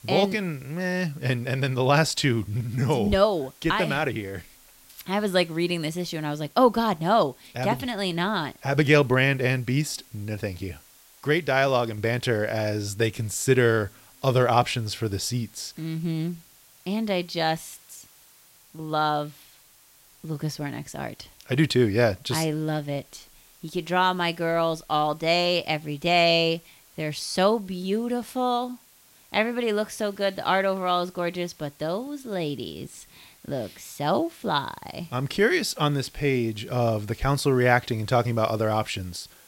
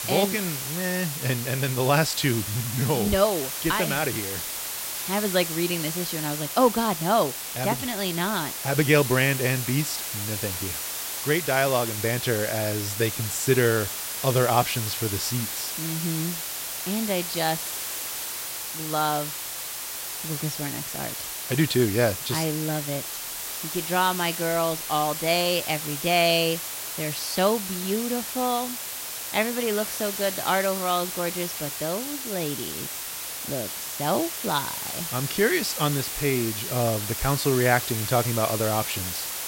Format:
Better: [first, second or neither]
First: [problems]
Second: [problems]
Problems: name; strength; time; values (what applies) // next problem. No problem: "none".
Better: first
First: hiss; faint; throughout; 25 dB below the speech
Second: hiss; loud; throughout; 4 dB below the speech